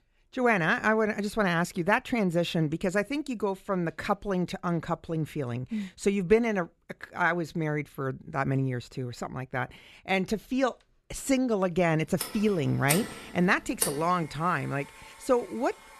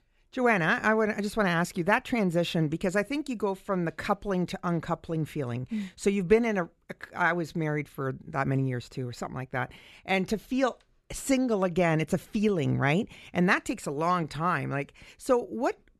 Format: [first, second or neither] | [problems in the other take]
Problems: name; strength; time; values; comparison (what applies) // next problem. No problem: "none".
second | household noises; loud; from 12 s on; 5 dB below the speech